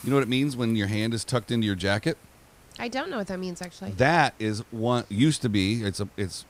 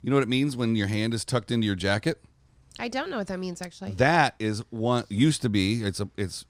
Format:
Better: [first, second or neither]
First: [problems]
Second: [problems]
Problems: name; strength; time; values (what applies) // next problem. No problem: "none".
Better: second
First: hiss; faint; throughout; 25 dB below the speech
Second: none